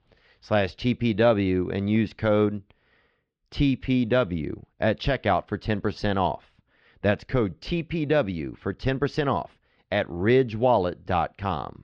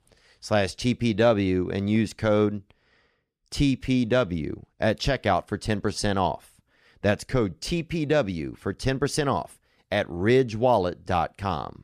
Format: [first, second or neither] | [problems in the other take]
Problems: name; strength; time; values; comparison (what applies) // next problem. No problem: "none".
second | muffled; slightly; fading above 4 kHz